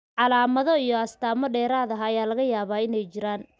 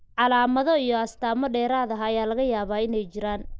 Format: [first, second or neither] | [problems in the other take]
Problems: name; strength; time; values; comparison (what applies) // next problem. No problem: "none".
first | noise reduction (neural mask model Resemble Enhance denoiser)